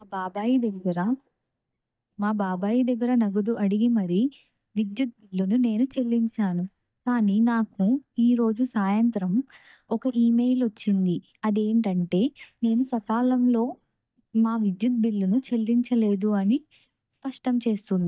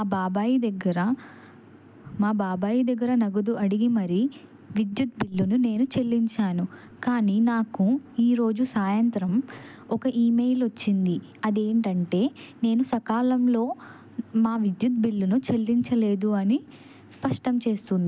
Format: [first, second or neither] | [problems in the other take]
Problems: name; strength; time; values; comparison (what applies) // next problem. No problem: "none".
second | noise reduction (neural mask model DeepFilterNet 3)